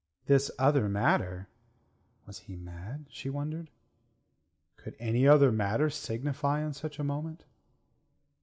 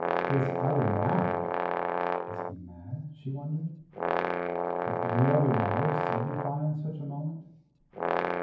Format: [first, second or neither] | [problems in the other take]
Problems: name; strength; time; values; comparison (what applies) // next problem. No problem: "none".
first | background sound (Brass instrument); as loud as the speech // room echo; dies away in 0.9 s